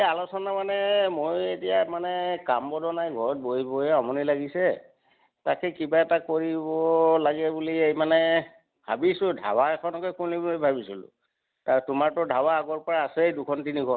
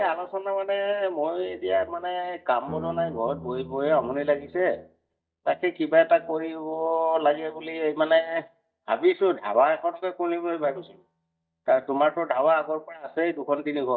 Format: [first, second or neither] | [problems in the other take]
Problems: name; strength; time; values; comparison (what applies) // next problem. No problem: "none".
first | noise reduction (neural mask model DeepFilterNet 3)